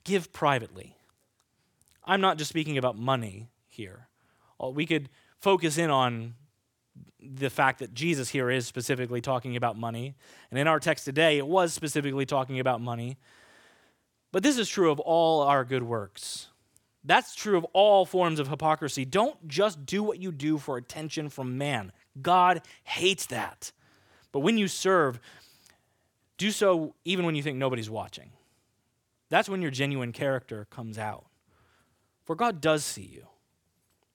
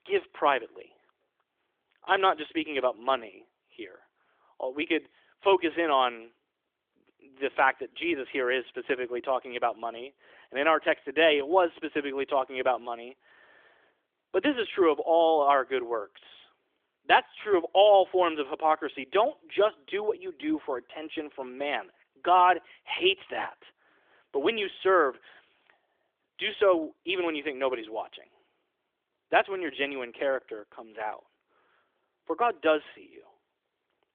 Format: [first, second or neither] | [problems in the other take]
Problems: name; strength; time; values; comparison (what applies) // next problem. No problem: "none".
first | phone-call audio; nothing above 3.5 kHz